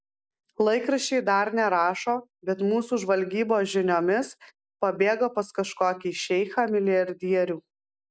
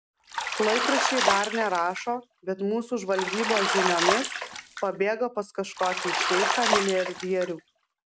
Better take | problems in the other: first | background sound (Bathtub (filling or washing)); 1 dB below the speech

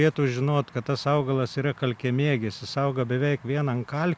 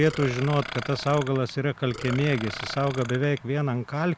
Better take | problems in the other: first | background sound (Burping, eructation); 13 dB below the speech

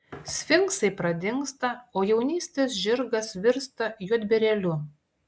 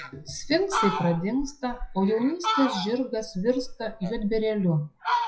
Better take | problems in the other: first | noise reduction (classical method WPE with log-MMSE)

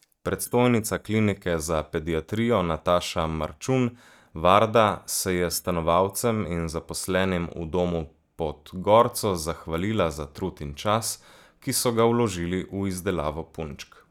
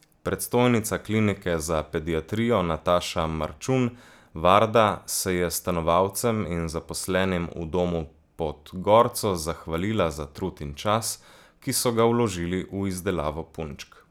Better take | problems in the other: second | noise reduction (neural mask model DeepFilterNet 3)

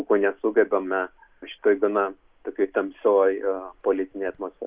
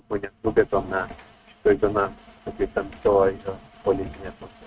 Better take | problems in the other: first | noise reduction (neural mask model RNNoise)

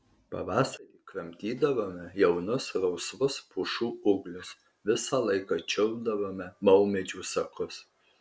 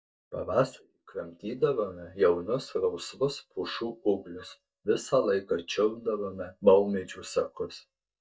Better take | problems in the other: first | noise reduction (neural mask model DeepFilterNet 3)

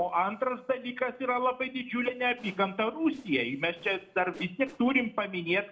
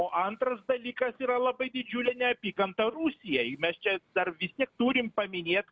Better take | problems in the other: second | noise reduction (neural separator model SepFormer DNS4)

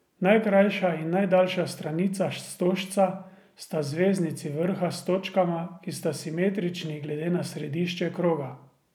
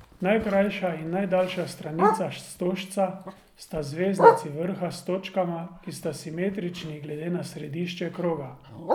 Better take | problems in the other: first | background sound (Bark); 1 dB below the speech

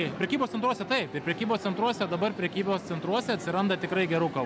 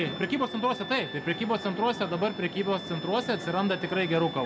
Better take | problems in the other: first | background sound (Wind instrument, woodwind instrument); 15 dB below the speech // room echo; dies away in 1 s

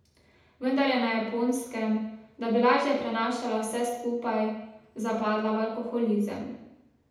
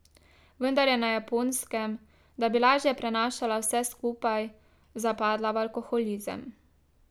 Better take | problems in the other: second | room echo; dies away in 0.8 s

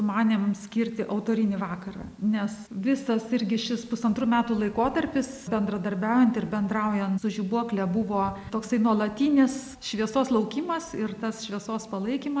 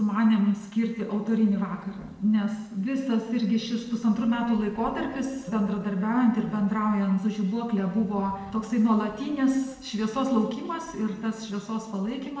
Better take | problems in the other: first | room echo; dies away in 1 s

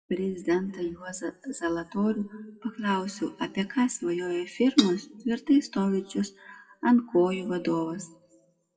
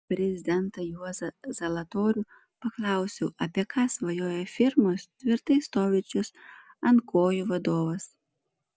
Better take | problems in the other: second | noise reduction (classical method WPE with log-MMSE)

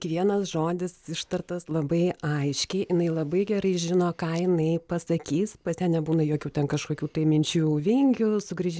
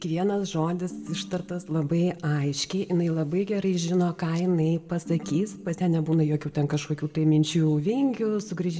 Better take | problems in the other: first | background sound (Ringtone); 19 dB below the speech // room echo; dies away in 1.9 s

